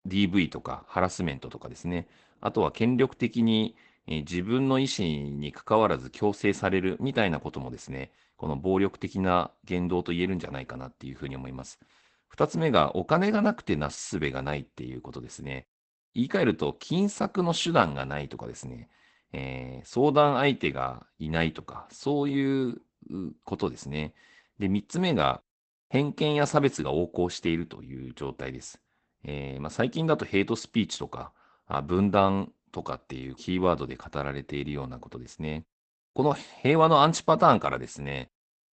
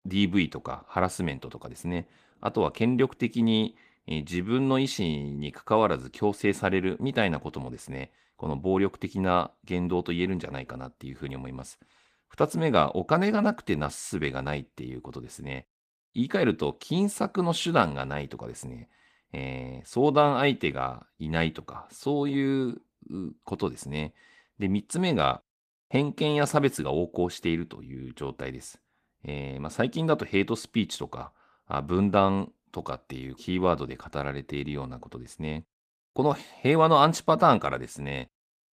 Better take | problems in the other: second | garbled, watery; badly; nothing above 8 kHz; slightly in the second

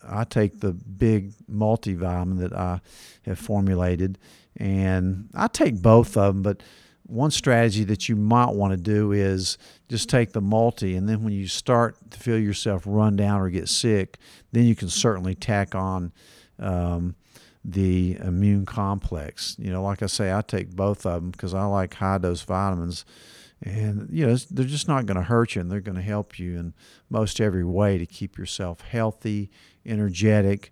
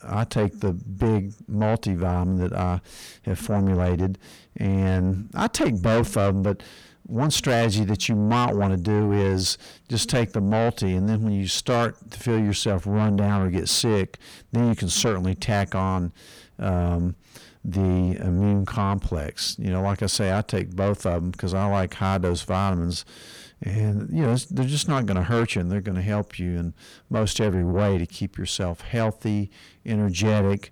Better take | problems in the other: first | distortion; heavy; 8 dB below the speech

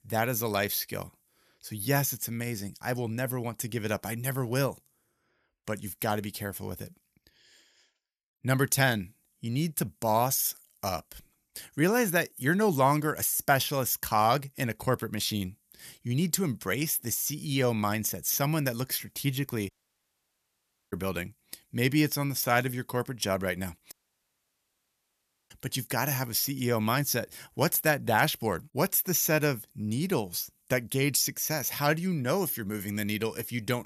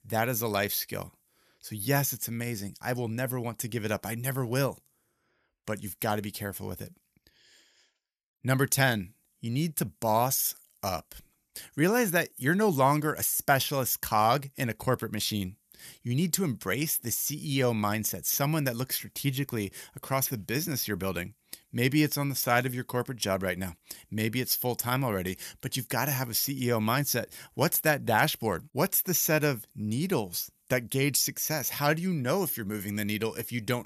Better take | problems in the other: second | audio cutting out; at 20 s for 1 s and at 24 s for 1.5 s

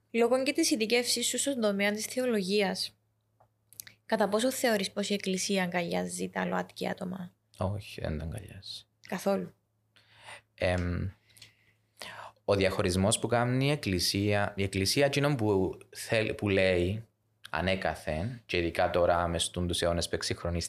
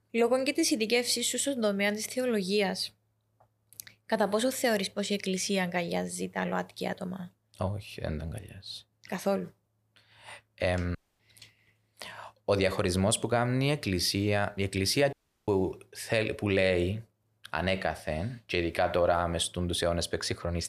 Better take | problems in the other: first | audio cutting out; at 11 s and at 15 s

